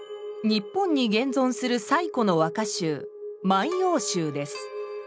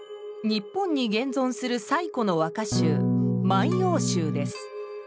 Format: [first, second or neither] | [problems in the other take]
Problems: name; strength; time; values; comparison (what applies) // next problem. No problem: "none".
first | background sound (Electric guitar / Strum); 3 dB above the speech